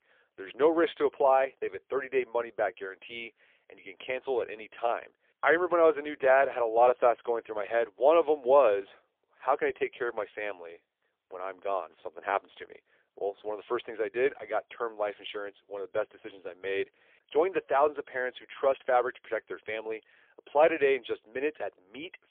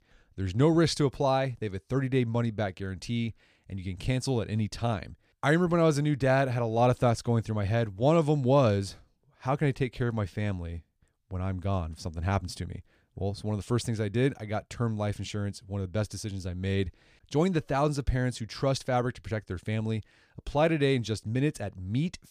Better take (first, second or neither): second